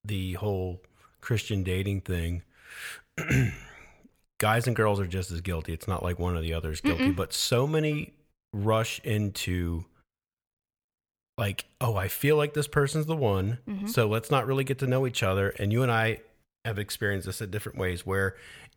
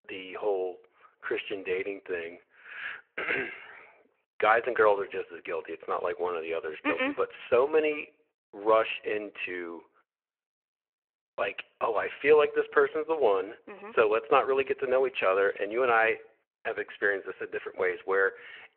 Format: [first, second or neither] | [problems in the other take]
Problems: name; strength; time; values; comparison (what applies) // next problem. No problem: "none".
first | phone-call audio